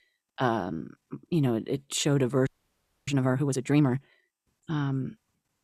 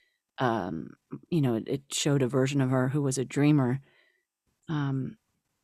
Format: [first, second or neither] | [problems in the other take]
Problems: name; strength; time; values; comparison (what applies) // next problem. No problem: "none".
second | audio freezing; at 2.5 s for 0.5 s